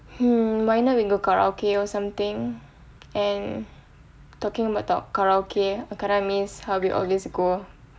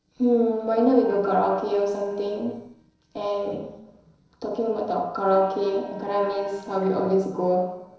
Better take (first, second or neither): first